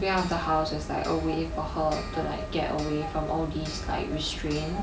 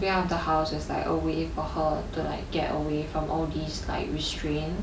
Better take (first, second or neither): second